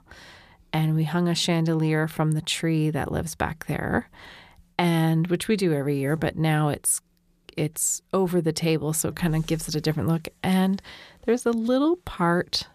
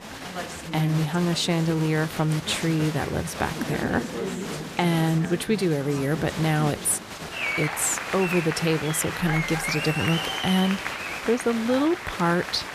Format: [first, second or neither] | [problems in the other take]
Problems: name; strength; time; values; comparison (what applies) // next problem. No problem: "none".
first | crowd noise; loud; throughout; 6 dB below the speech